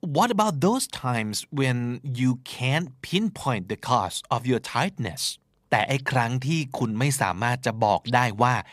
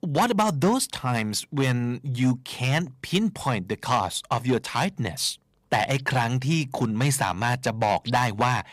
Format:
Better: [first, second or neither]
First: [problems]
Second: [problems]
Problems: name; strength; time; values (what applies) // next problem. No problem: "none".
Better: first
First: none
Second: distortion; slight; 3% of the sound clipped